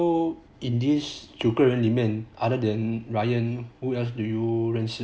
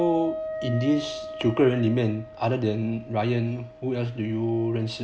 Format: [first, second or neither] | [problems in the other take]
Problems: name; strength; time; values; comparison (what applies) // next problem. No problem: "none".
first | background sound (Wind instrument, woodwind instrument); 12 dB below the speech